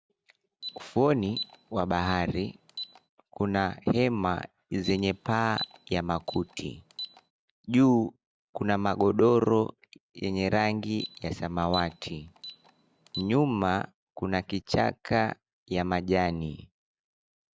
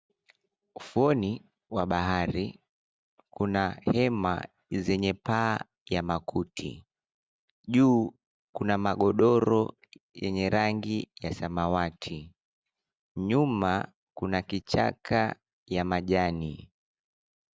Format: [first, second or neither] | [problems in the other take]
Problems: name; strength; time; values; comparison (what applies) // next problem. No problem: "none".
second | background sound (Alarm); 16 dB below the speech